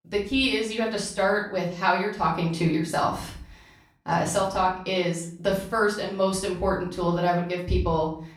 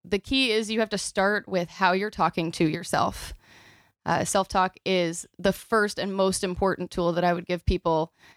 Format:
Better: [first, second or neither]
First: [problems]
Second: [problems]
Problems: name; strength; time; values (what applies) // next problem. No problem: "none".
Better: second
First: room echo; slight; dies away in 0.5 s // off-mic speech; far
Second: none